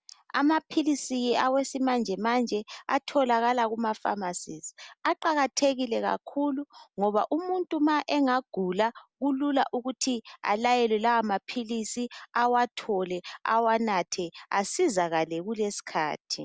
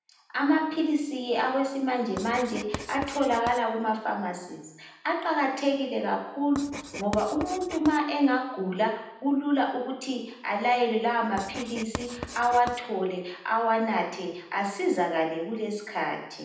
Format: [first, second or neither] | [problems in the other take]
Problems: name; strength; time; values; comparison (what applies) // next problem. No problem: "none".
first | background sound (Writing); 13 dB below the speech // room echo; dies away in 0.8 s